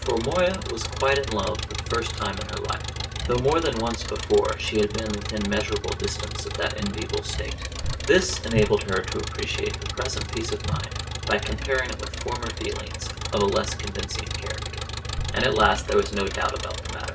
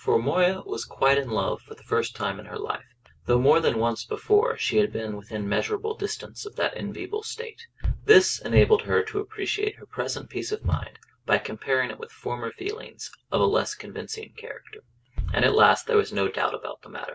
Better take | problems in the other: second | background sound (Engine); 5 dB below the speech // room echo; dies away in 0.6 s

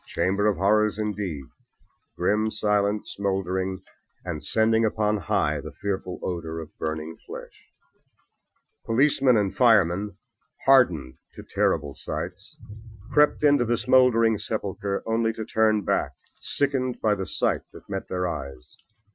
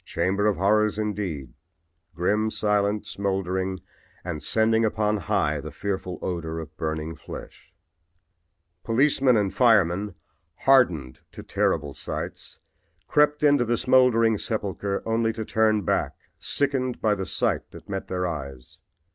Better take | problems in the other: second | noise reduction (classical method Wiener filter)

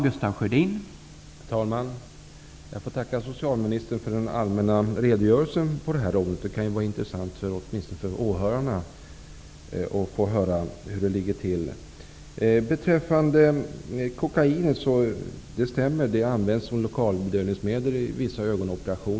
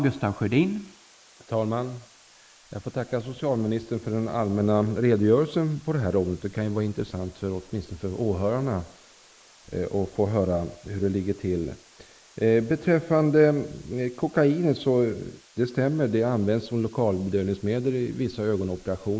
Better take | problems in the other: first | noise reduction (neural mask model Resemble Enhance denoiser)

